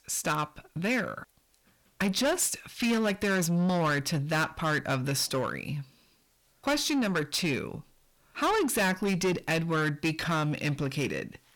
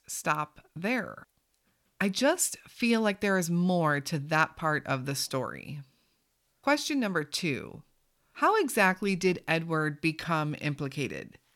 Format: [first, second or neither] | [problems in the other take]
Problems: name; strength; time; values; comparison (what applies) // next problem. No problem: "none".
second | distortion; heavy; 7 dB below the speech